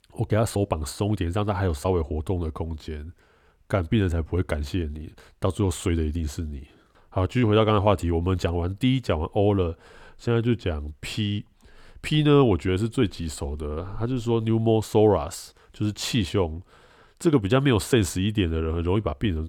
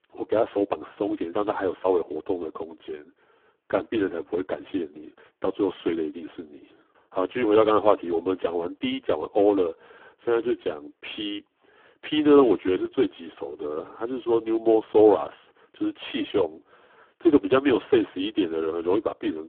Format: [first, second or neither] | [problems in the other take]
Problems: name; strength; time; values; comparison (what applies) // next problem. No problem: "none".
first | phone-call audio; poor line; nothing above 3.5 kHz